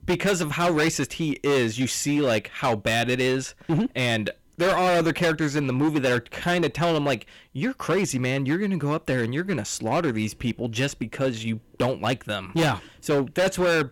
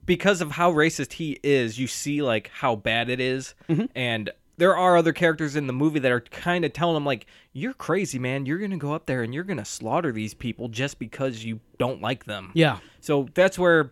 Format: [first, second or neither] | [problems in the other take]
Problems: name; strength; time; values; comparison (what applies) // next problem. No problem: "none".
second | distortion; heavy; 13% of the sound clipped